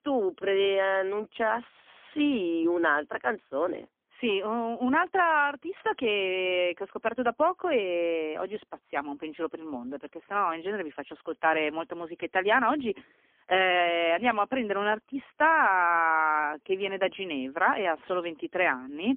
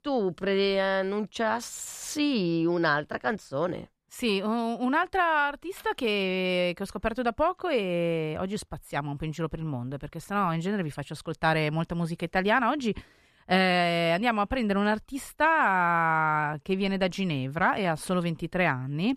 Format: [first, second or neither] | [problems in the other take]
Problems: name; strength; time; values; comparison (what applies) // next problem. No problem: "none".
second | phone-call audio; poor line; nothing above 3 kHz